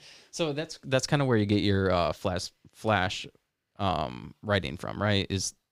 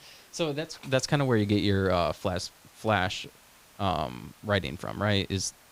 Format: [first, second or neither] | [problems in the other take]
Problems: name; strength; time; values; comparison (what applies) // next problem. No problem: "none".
first | hiss; faint; throughout; 25 dB below the speech